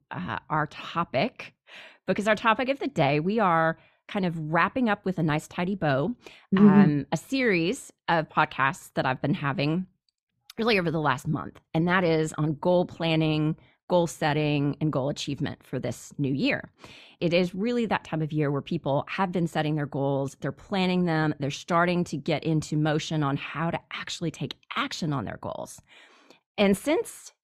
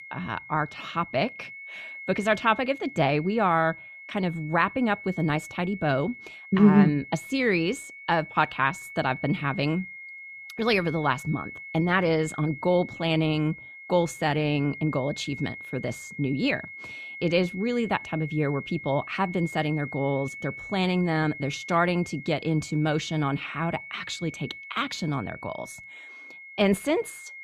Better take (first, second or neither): first